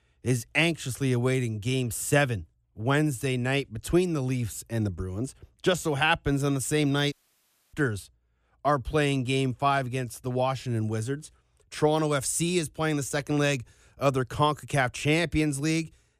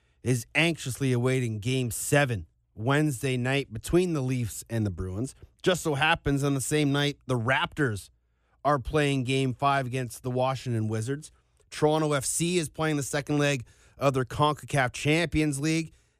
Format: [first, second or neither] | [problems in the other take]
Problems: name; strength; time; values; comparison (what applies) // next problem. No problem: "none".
second | audio cutting out; at 7 s for 0.5 s